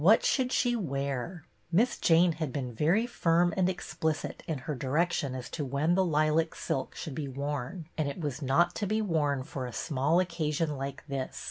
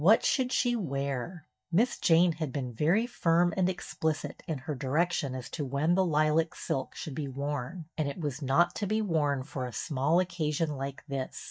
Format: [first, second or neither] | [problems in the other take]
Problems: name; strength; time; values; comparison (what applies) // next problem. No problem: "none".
first | noise reduction (neural mask model DeepFilterNet 3)